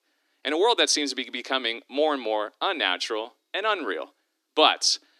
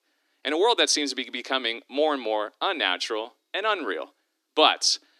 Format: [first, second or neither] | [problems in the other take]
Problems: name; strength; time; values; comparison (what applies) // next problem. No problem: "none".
neither | thin; somewhat; fading below 300 Hz; the same in both